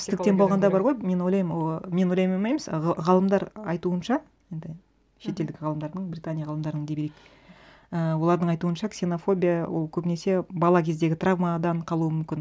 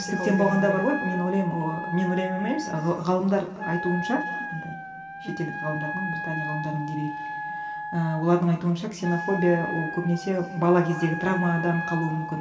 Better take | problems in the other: first | background sound (Wind instrument, woodwind instrument); 8 dB below the speech // room echo; dies away in 2.2 s

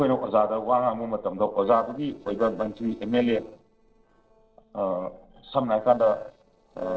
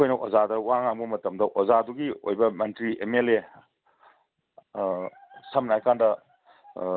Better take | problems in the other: second | noise reduction (neural separator model SepFormer DNS4)

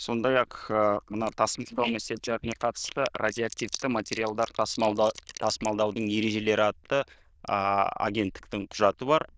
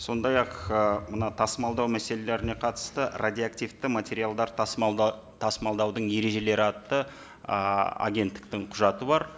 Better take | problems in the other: second | noise reduction (neural diffusion model UNIVERSE++)

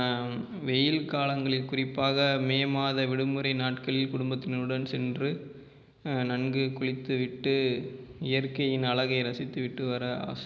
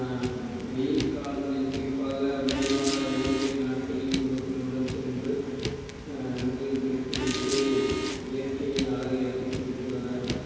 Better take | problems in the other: first | background sound (Car); 7 dB below the speech // room echo; dies away in 2.2 s

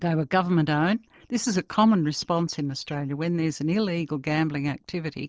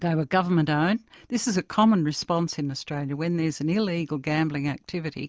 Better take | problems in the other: second | noise reduction (neural separator model SepFormer DNS4)

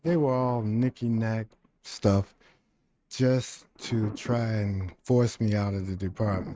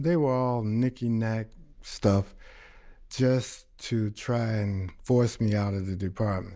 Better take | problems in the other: second | noise reduction (neural mask model RNNoise)

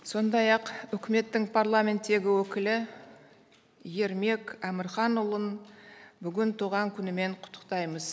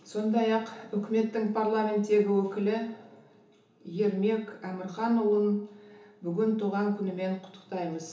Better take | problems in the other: first | room echo; dies away in 0.8 s

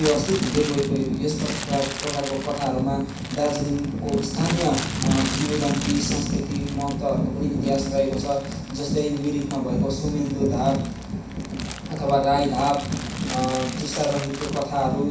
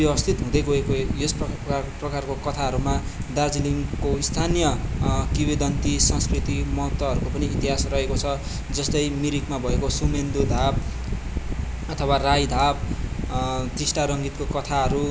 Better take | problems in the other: second | background sound (Crumpling, crinkling); 12 dB below the speech // room echo; dies away in 0.6 s

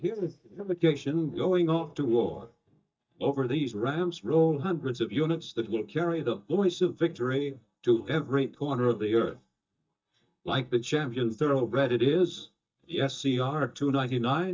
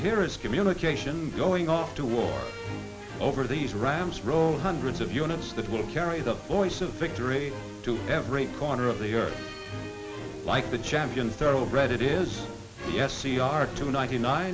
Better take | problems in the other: second | noise reduction (neural mask model DeepFilterNet 3)

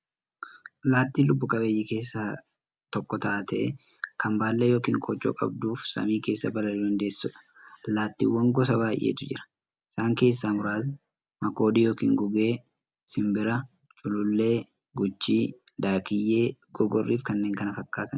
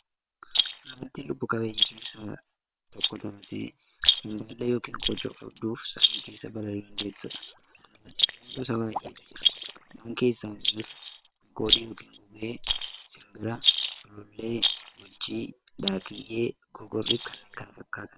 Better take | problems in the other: first | noise reduction (neural separator model SepFormer WHAM!)

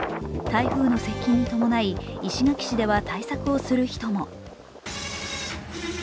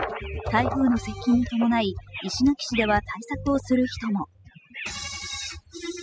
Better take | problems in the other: first | noise reduction (classical method spectral subtraction)

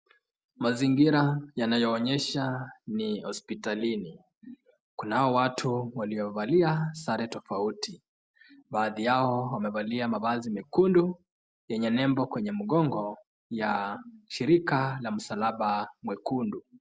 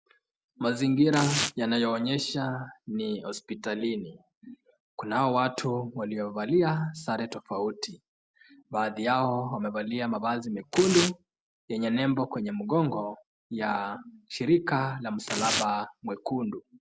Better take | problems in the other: first | background sound (Tearing); 5 dB below the speech

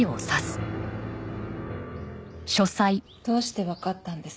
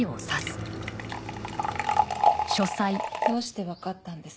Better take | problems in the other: first | background sound (Liquid); 3 dB above the speech

